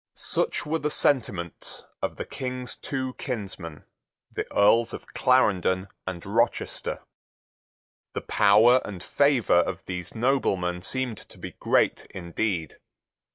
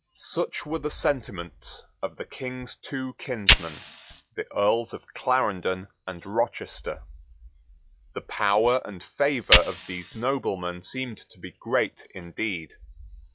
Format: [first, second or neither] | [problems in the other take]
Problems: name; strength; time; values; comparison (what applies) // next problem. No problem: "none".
first | noise reduction (classical method log-MMSE)